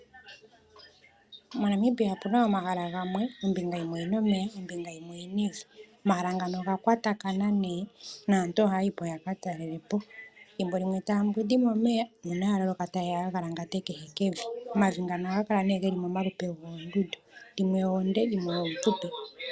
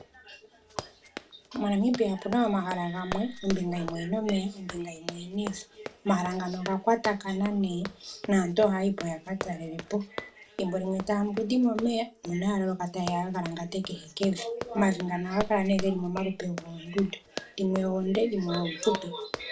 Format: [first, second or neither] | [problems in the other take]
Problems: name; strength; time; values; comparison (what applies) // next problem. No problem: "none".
first | background sound (Run); 13 dB below the speech // room echo; dies away in 0.2 s